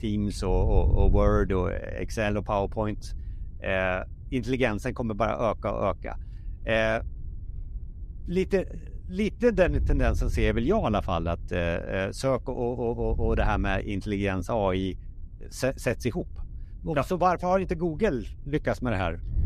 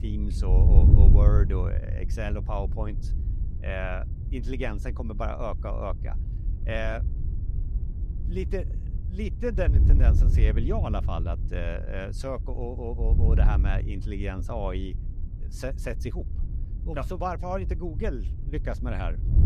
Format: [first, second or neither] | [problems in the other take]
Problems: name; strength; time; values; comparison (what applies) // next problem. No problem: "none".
first | wind noise on the microphone; heavy; 9 dB below the speech; occasional gusts in the first